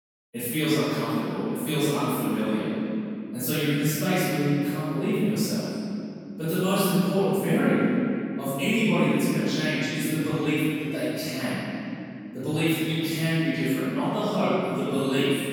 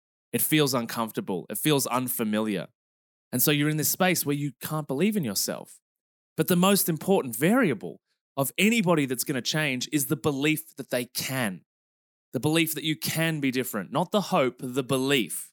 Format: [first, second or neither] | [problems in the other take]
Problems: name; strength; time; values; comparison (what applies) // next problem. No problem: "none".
second | room echo; strong; dies away in 2.8 s // off-mic speech; far